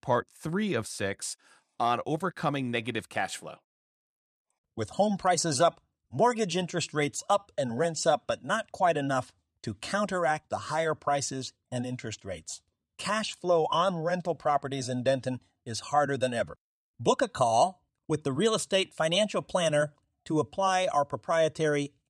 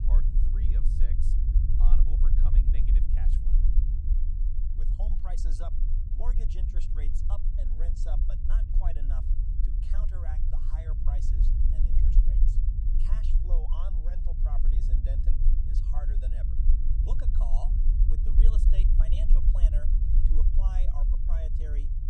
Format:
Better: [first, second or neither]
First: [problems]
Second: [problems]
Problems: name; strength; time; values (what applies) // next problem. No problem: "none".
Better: first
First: none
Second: low rumble; loud; throughout; as loud as the speech